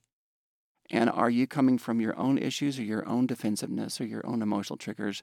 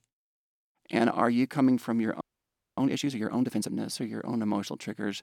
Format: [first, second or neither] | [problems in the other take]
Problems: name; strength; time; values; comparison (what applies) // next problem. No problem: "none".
first | audio freezing; at 2 s for 0.5 s